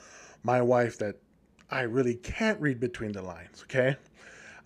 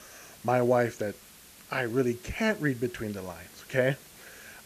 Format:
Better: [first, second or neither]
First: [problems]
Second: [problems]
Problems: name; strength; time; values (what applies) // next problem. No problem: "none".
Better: first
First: none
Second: hiss; faint; throughout; 20 dB below the speech